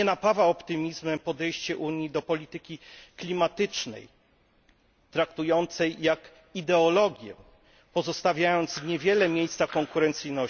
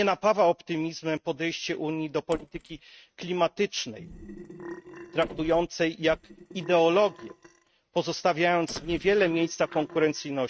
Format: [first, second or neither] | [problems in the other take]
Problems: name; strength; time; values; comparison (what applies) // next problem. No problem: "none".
first | noise reduction (neural mask model RNNoise)